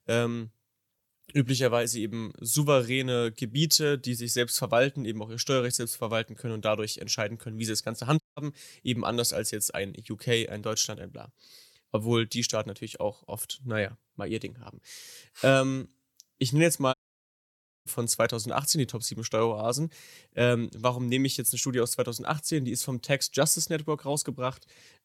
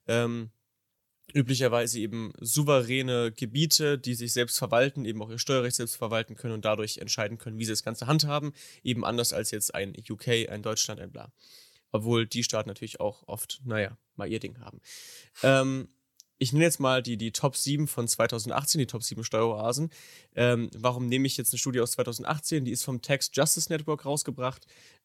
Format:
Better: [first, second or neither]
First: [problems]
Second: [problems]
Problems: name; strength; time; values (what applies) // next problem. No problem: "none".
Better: second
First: audio cutting out; at 8 s and at 17 s for 1 s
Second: none